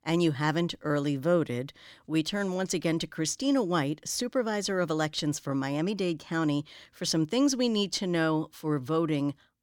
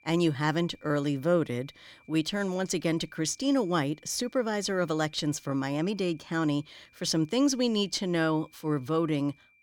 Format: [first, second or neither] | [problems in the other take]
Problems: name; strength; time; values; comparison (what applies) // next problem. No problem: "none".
first | high-pitched whine; faint; throughout; 2.5 kHz, 30 dB below the speech